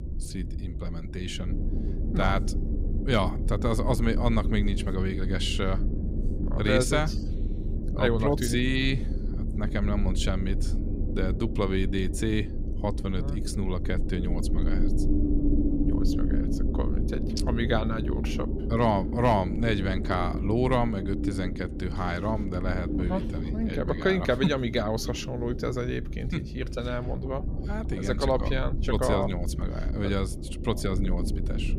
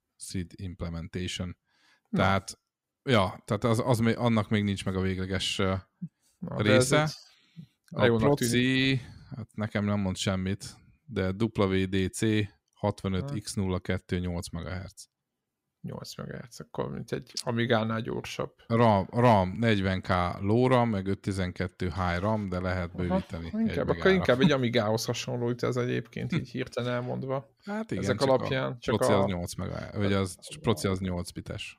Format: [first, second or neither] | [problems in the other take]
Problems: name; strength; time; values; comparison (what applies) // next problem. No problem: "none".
second | low rumble; loud; throughout; 9 dB below the speech